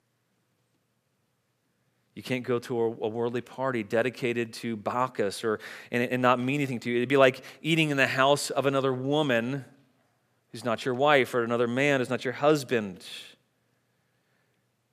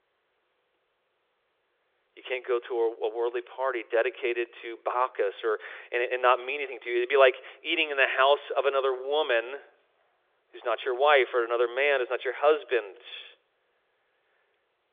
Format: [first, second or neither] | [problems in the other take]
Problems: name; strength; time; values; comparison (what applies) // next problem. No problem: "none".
first | phone-call audio; nothing above 3.5 kHz